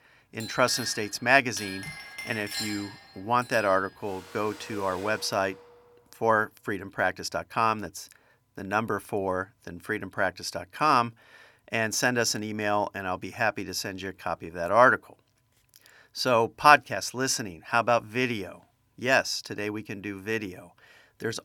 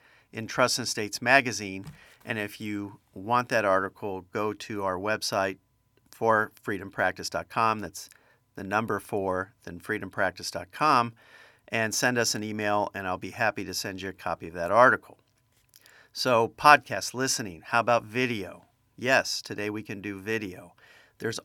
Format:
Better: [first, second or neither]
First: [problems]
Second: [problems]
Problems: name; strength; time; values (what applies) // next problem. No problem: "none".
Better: second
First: household noises; noticeable; until 5.5 s; 15 dB below the speech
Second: none